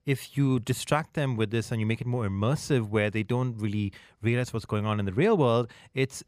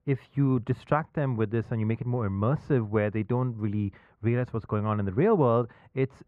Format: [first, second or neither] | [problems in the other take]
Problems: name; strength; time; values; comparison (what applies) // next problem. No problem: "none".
first | muffled; very; fading above 3.5 kHz